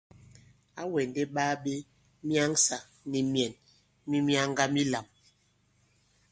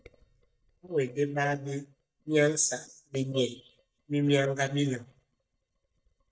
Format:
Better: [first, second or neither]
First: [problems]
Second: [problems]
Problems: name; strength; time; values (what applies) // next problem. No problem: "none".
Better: first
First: none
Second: noise reduction (neural mask model DeepFilterNet 3)